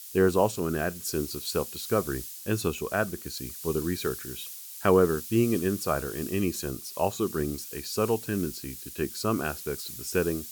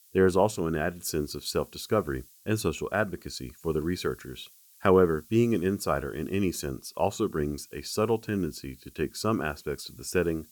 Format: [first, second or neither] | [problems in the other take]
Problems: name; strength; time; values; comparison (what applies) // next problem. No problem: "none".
second | hiss; loud; throughout; 9 dB below the speech; faint in the second